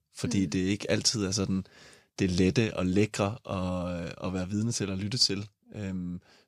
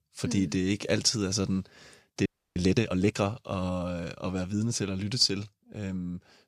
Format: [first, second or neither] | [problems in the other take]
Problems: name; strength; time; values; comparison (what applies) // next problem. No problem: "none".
first | audio freezing; at 2.5 s